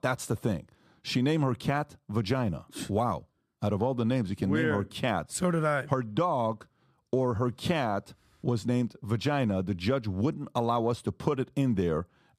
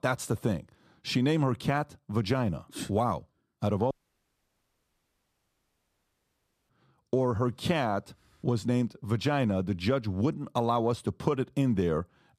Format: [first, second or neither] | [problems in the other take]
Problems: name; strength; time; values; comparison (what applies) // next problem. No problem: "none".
first | audio cutting out; at 4 s for 3 s